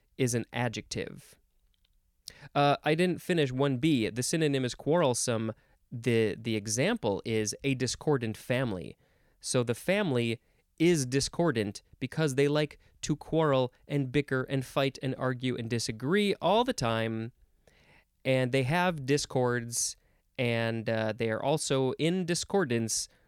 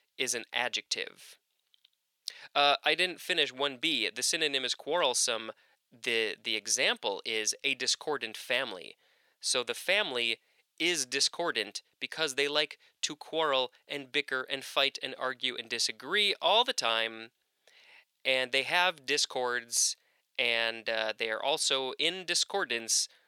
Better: first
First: none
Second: thin; very; fading below 600 Hz

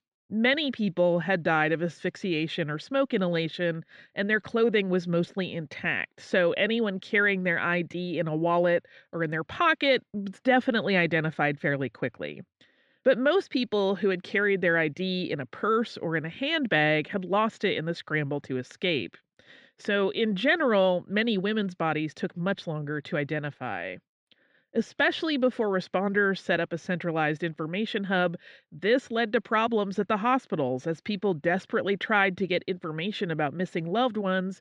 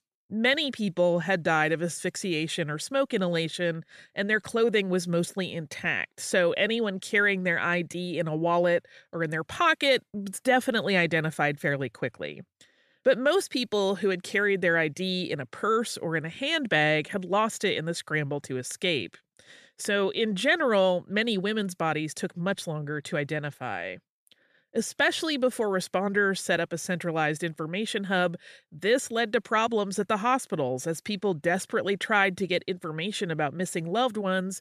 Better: second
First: muffled; very slightly; fading above 4 kHz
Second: none

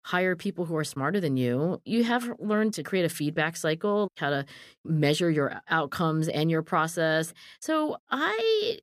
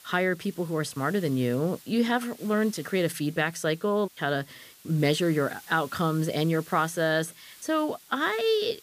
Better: first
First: none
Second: hiss; faint; throughout; 20 dB below the speech

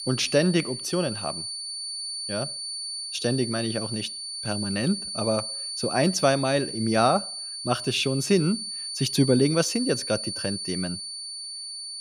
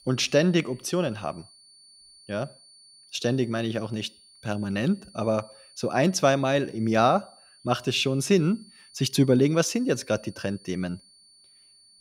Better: second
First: high-pitched whine; loud; throughout; 4.5 kHz, 5 dB below the speech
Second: high-pitched whine; faint; throughout; 4.5 kHz, 25 dB below the speech

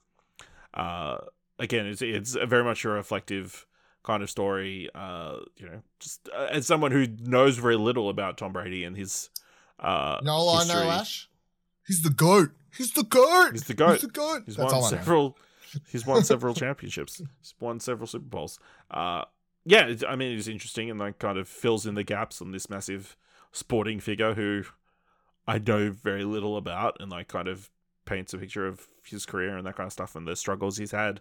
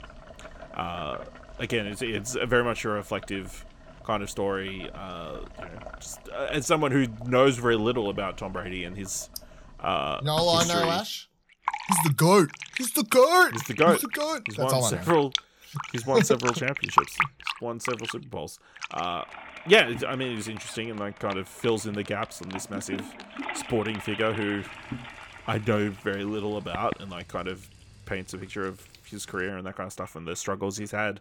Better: first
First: none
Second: household noises; loud; throughout; 8 dB below the speech

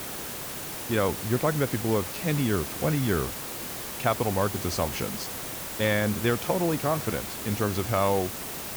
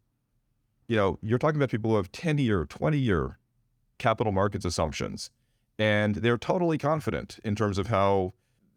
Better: second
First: hiss; loud; throughout; 5 dB below the speech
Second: none

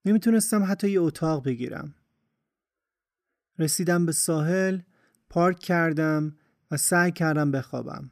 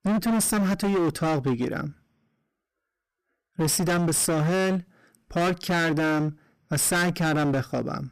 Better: first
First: none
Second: distortion; heavy; 25% of the sound clipped

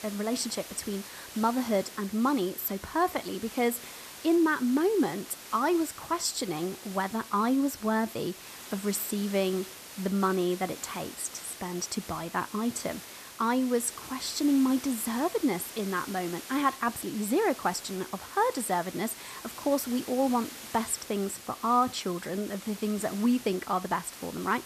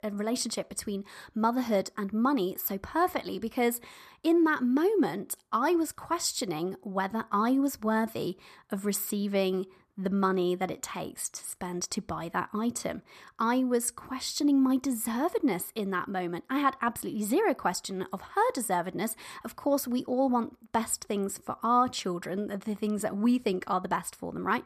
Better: second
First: hiss; noticeable; throughout; 15 dB below the speech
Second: none

